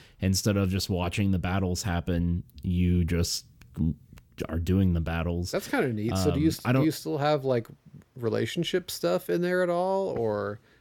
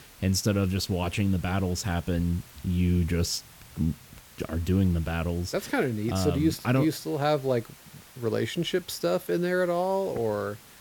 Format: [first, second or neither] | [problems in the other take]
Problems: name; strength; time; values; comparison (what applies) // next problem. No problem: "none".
first | hiss; faint; throughout; 20 dB below the speech